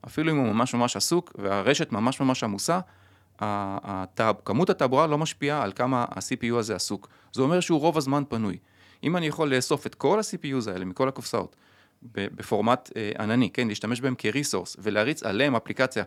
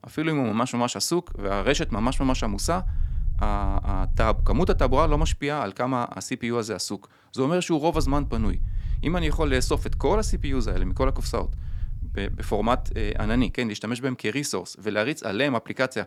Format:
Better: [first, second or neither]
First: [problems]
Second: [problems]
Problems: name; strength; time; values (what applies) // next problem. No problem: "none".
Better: first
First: none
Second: low rumble; faint; from 1.5 to 5.5 s and from 8 to 14 s; 25 dB below the speech